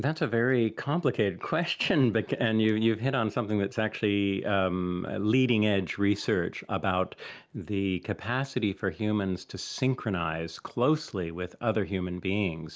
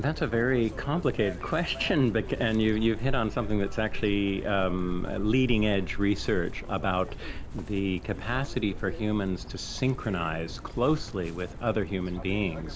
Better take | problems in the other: first | background sound (Chirp, tweet); 7 dB below the speech

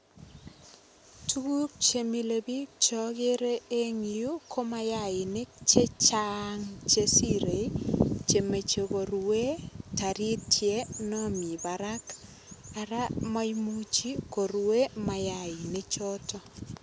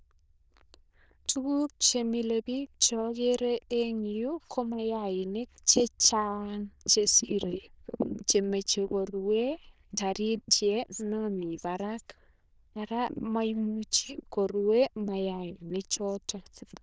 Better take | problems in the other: first | noise reduction (neural diffusion model UNIVERSE++)

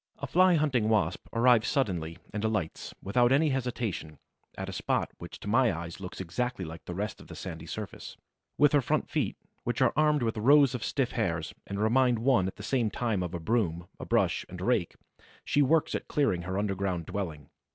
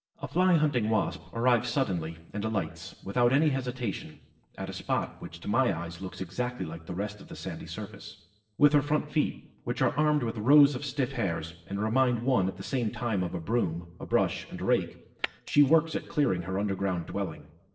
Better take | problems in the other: first | noise reduction (neural separator model SepFormer DNS4)

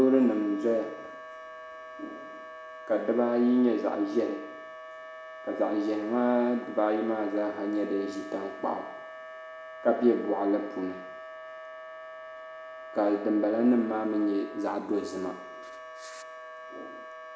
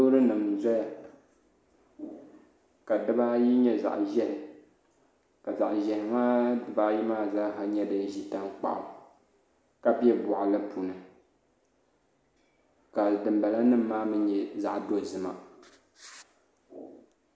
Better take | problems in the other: second | background sound (Wind instrument, woodwind instrument); 14 dB below the speech

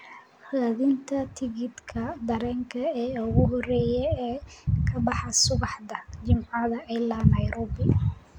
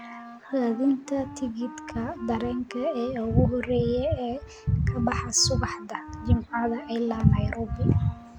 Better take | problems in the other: first | background sound (Wind instrument, woodwind instrument); 17 dB below the speech

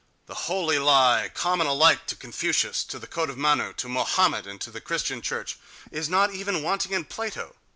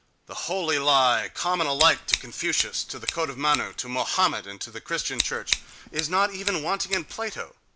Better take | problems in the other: first | background sound (Scissors); 6 dB below the speech

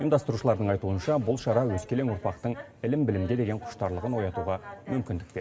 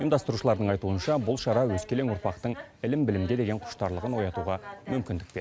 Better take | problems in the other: second | room echo; dies away in 1.9 s

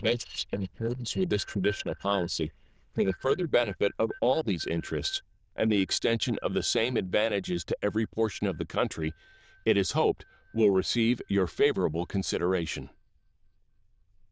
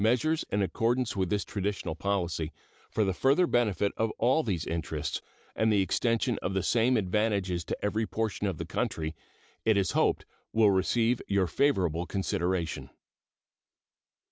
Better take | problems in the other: second | noise reduction (neural diffusion model UNIVERSE++)

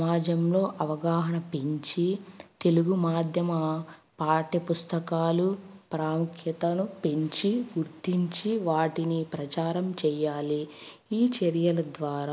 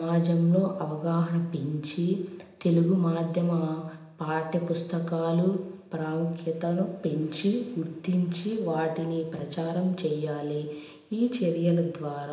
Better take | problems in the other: first | room echo; dies away in 0.8 s

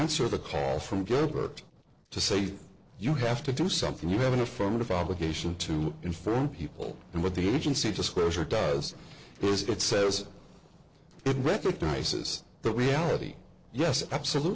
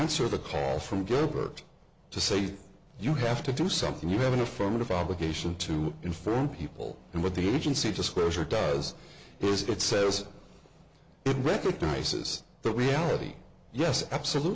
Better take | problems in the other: second | noise reduction (neural separator model SepFormer DNS4)

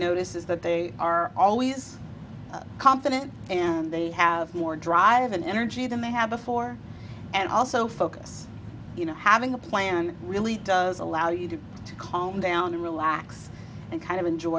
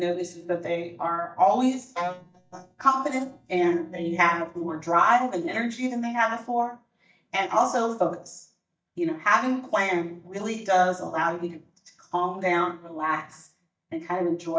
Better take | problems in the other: first | noise reduction (neural mask model DeepFilterNet 3)

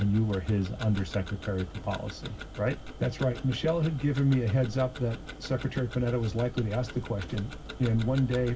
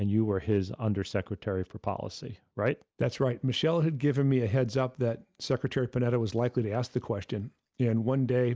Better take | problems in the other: second | background sound (Tick-tock); 12 dB below the speech // room echo; dies away in 0.4 s

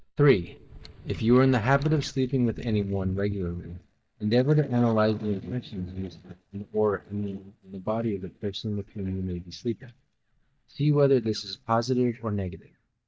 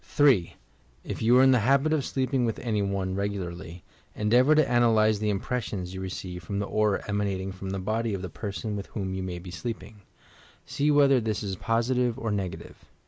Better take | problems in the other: second | noise reduction (neural mask model DeepFilterNet 3)

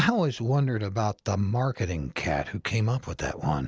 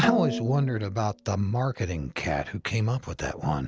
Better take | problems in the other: first | background sound (Snare drum); 6 dB below the speech

